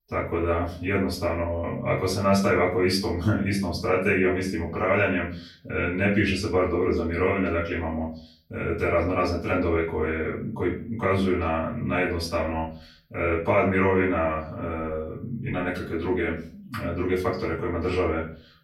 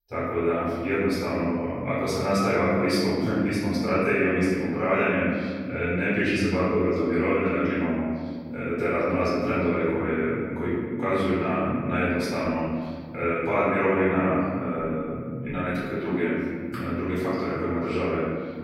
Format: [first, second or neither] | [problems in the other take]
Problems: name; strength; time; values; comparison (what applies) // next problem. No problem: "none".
first | room echo; strong; dies away in 2.4 s; slight in the first // off-mic speech; far; far in the first